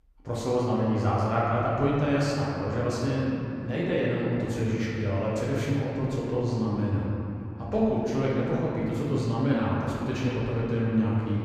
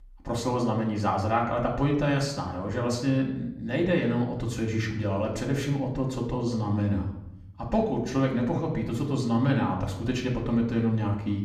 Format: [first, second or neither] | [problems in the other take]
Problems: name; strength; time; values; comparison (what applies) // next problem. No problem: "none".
second | room echo; strong; dies away in 2.9 s; slight in the second // off-mic speech; far; far in the second